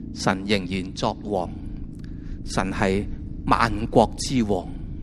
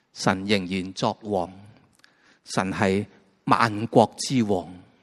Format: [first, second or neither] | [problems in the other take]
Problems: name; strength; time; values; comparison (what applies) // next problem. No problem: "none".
second | low rumble; faint; throughout; 20 dB below the speech